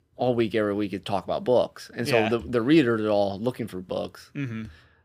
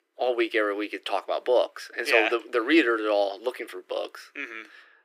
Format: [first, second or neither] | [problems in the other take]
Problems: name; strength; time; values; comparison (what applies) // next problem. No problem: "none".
first | thin; very; fading below 300 Hz